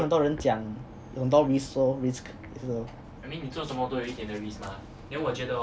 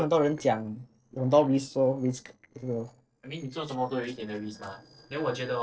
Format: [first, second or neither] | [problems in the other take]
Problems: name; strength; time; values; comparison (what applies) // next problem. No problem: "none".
first | noise reduction (neural separator model SepFormer DNS4)